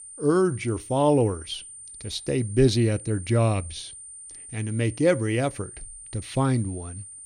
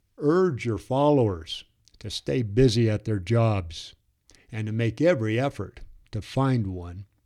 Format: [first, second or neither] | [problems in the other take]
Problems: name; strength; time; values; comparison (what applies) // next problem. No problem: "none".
second | high-pitched whine; noticeable; throughout; 9 kHz, 15 dB below the speech